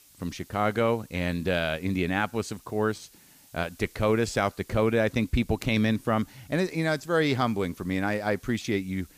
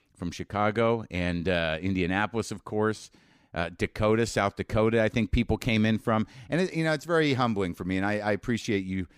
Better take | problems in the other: second | hiss; faint; throughout; 25 dB below the speech

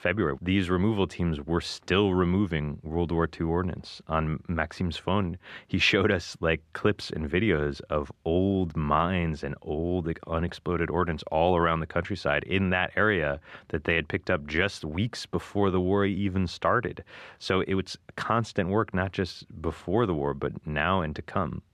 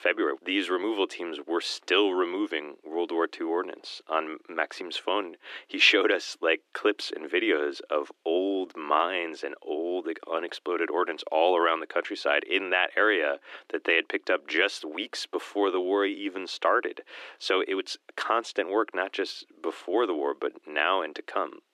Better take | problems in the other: first | thin; somewhat; fading below 300 Hz

